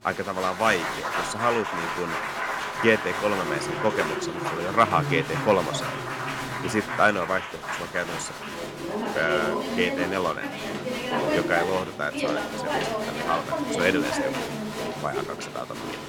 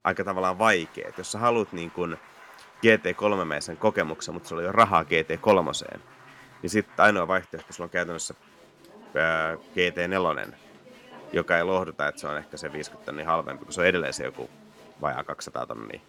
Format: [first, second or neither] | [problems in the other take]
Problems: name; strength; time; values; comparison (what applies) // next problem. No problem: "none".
second | crowd noise; loud; throughout; 2 dB below the speech; faint in the second